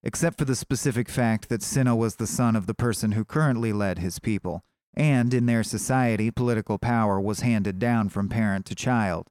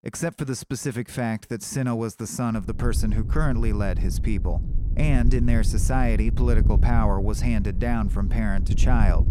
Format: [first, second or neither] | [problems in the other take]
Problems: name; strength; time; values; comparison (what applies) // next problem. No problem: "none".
first | wind noise on the microphone; occasional gusts; from 2.5 s on; 10 dB below the speech